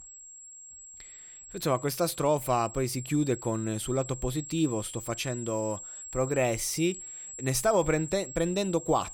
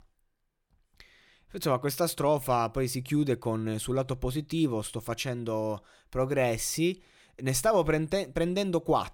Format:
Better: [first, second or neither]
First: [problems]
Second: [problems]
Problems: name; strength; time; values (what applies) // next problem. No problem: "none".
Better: second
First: high-pitched whine; noticeable; throughout; 7.5 kHz, 10 dB below the speech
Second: none